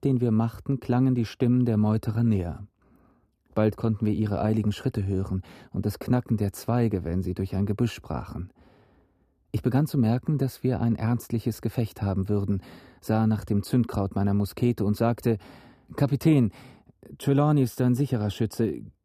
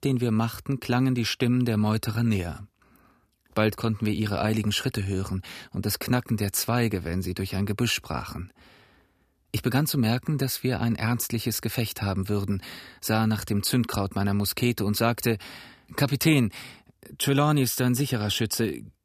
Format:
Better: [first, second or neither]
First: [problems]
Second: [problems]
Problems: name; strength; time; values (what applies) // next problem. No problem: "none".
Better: second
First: muffled; slightly; fading above 1.5 kHz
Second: none